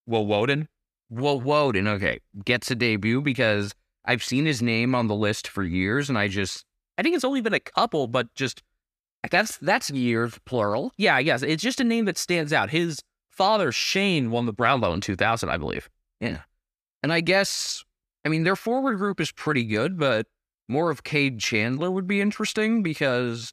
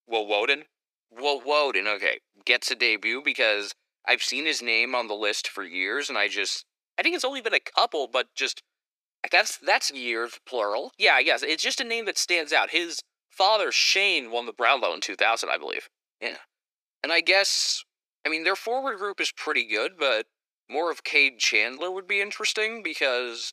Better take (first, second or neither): first